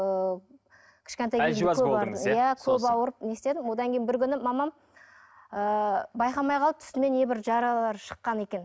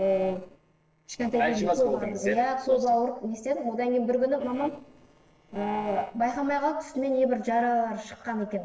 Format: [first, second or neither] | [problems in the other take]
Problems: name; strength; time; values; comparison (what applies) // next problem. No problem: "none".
first | noise reduction (neural separator model SepFormer DNS4)